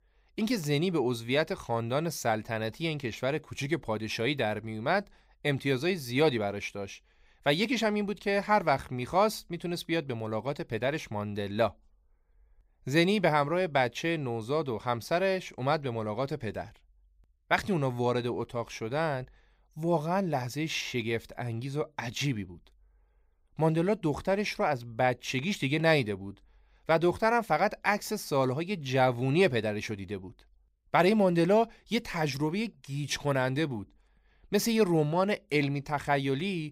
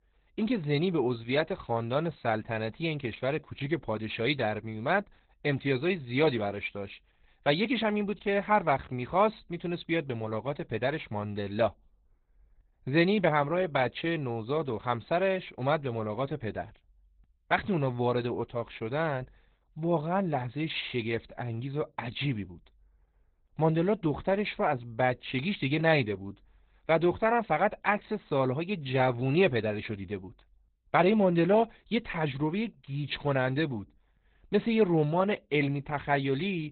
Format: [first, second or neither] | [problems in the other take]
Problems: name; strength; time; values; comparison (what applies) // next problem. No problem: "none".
first | garbled, watery; badly; nothing above 4 kHz